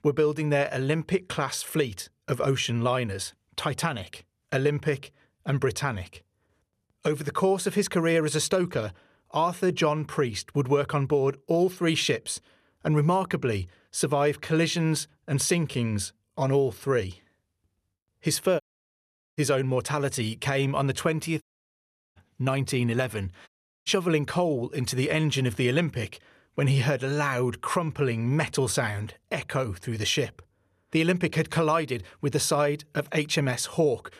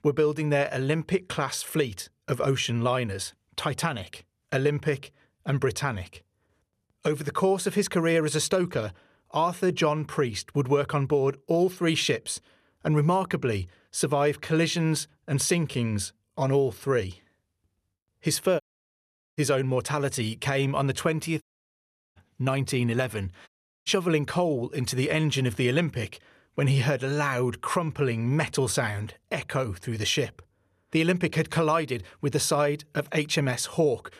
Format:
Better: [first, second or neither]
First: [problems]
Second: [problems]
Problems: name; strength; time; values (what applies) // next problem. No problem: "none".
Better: neither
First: audio cutting out; at 19 s for 1 s, at 21 s for 0.5 s and at 23 s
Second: audio cutting out; at 19 s for 1 s, at 21 s for 0.5 s and at 23 s